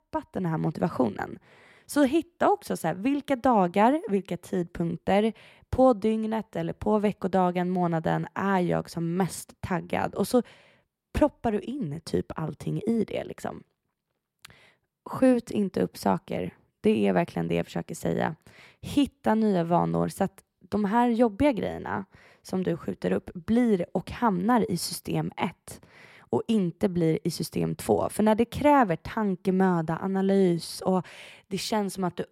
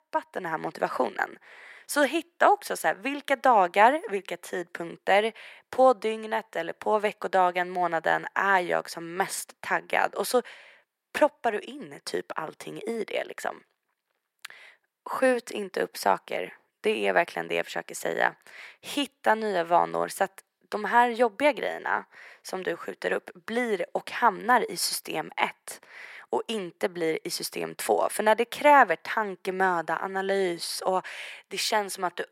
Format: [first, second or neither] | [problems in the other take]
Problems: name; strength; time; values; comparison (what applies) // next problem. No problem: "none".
first | thin; somewhat; fading below 550 Hz